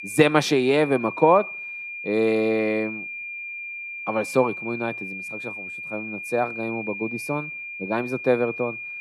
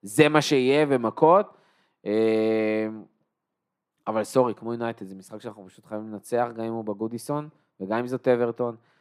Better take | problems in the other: second | high-pitched whine; loud; throughout; 2.5 kHz, 9 dB below the speech

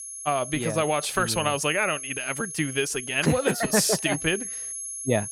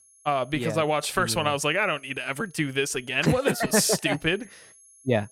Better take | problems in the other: second | high-pitched whine; loud; throughout; 11 kHz, 8 dB below the speech; faint in the second

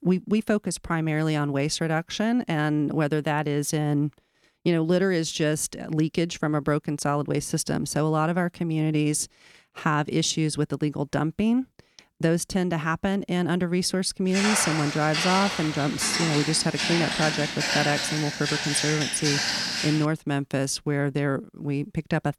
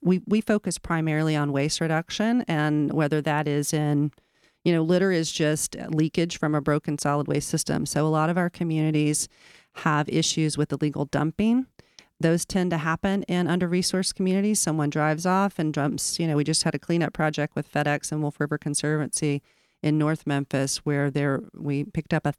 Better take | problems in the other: second | footsteps; loud; from 14 to 20 s; peak 2 dB above the speech

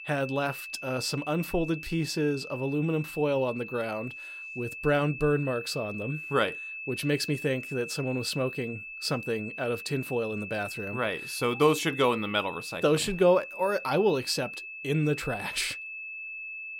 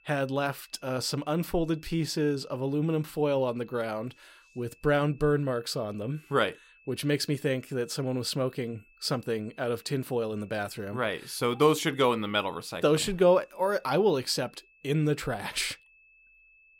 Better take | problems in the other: second | high-pitched whine; loud; throughout; 2.5 kHz, 9 dB below the speech; faint in the second

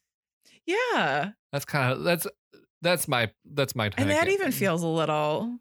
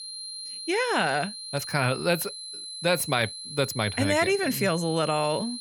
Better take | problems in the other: first | high-pitched whine; loud; throughout; 4 kHz, 9 dB below the speech

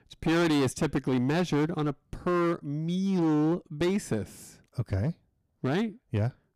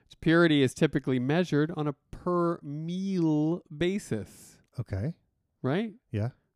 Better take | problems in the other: second | distortion; heavy; 13% of the sound clipped

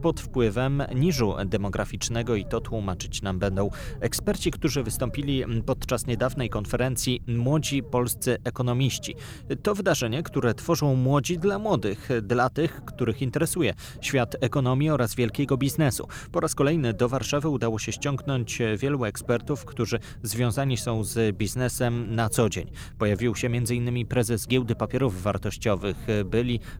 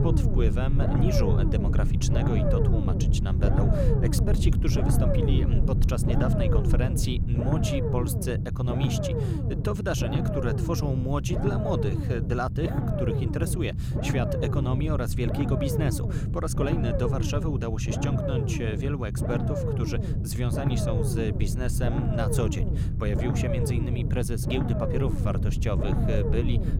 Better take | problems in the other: first | low rumble; loud; throughout; as loud as the speech; faint in the first

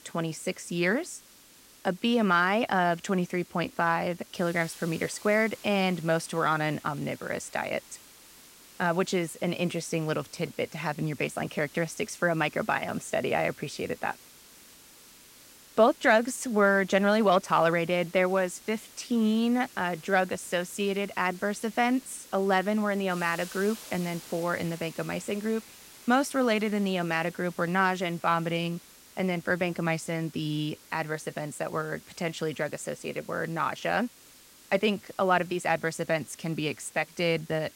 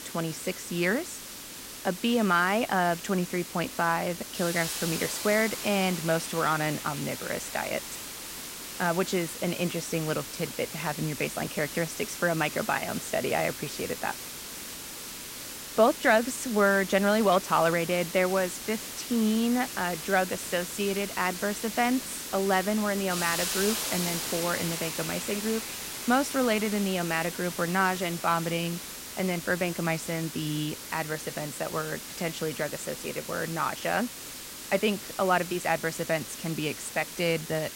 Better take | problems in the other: first | hiss; loud; throughout; 7 dB below the speech; faint in the first

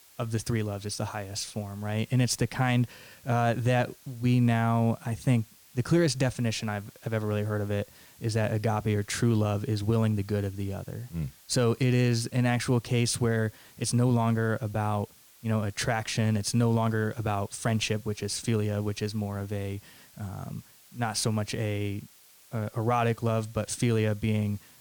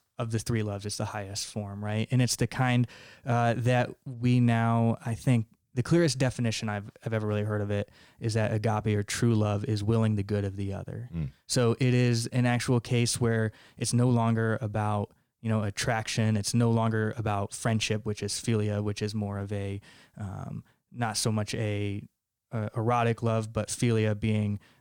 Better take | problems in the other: second | hiss; faint; throughout; 25 dB below the speech

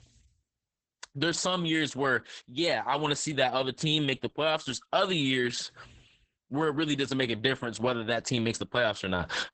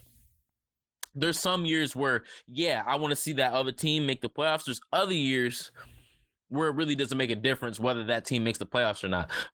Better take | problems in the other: second | garbled, watery; badly; nothing above 8 kHz; slightly in the second

